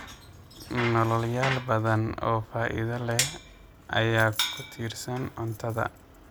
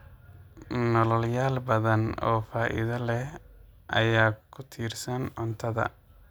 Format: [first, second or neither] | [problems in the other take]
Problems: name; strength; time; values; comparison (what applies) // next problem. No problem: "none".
second | background sound (Bicycle); 9 dB below the speech